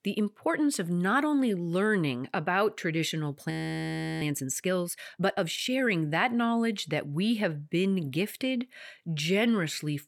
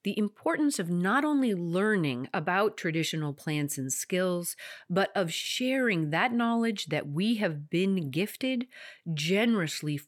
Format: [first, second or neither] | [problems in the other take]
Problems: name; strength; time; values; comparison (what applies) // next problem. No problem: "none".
second | audio freezing; at 3.5 s for 0.5 s